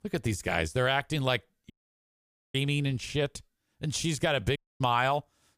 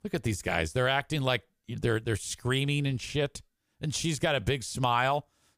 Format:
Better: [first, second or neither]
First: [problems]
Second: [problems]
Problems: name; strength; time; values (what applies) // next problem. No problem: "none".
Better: second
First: audio cutting out; at 1.5 s for 1 s and at 4.5 s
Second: none